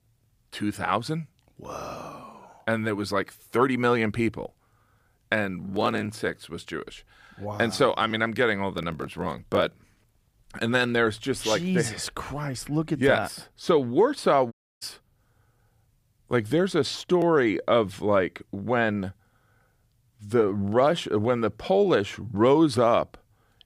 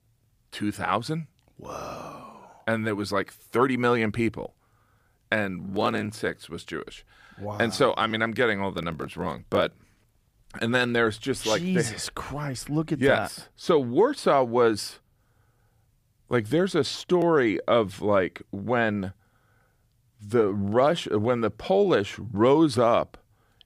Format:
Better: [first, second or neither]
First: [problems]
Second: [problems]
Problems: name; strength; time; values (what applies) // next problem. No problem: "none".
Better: second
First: audio cutting out; at 15 s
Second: none